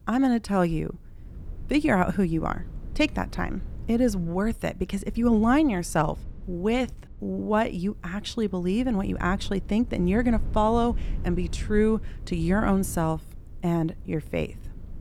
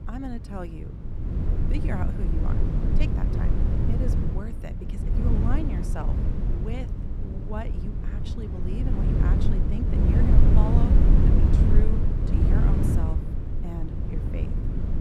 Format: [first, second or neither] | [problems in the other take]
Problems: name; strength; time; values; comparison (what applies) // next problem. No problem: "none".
first | wind noise on the microphone; heavy; 3 dB above the speech; occasional gusts in the first